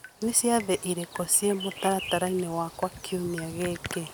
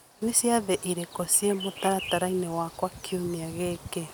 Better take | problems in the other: second | background sound (Drip); 19 dB below the speech

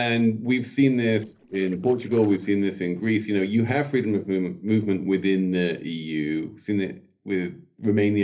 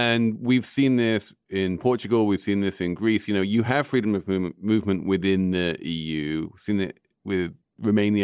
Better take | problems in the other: second | noise reduction (neural separator model SepFormer DNS4)

